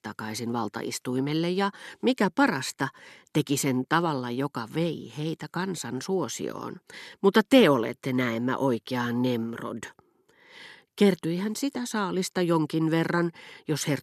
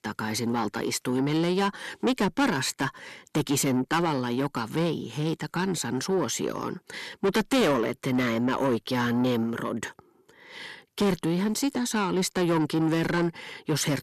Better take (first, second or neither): first